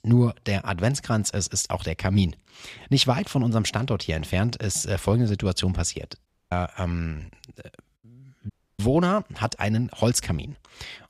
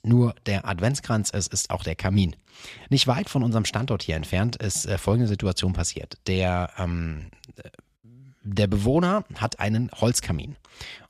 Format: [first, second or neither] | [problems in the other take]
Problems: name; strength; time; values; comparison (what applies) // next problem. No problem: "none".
second | audio cutting out; at 6.5 s and at 8.5 s